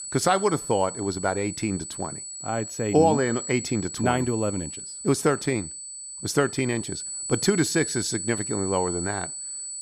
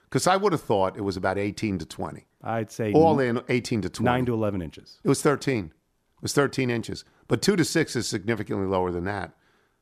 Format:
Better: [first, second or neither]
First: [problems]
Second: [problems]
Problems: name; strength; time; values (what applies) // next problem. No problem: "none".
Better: second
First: high-pitched whine; loud; throughout; 8 kHz, 7 dB below the speech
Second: none